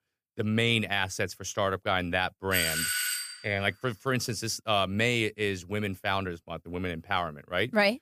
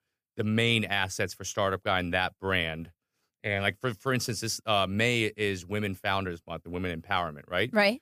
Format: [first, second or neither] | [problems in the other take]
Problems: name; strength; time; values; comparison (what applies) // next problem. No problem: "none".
second | doorbell; loud; at 2.5 s; peak 2 dB above the speech